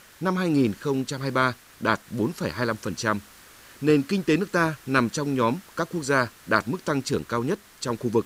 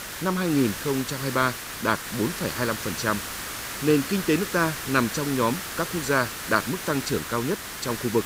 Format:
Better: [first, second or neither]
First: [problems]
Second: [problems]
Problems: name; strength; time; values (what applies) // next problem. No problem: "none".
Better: first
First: hiss; faint; throughout; 25 dB below the speech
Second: hiss; loud; throughout; 6 dB below the speech